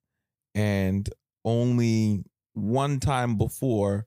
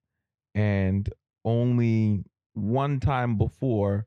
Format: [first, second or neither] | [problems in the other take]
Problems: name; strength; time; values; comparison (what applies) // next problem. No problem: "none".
first | muffled; slightly; fading above 2.5 kHz